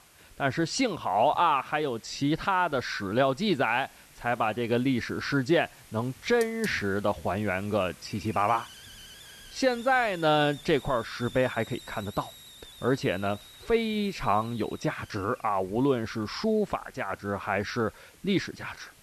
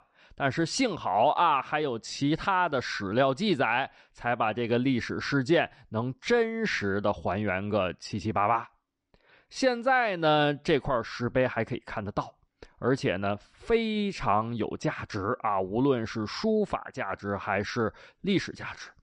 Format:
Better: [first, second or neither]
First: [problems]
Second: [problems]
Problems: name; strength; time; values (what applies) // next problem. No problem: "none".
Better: second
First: hiss; faint; throughout; 20 dB below the speech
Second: none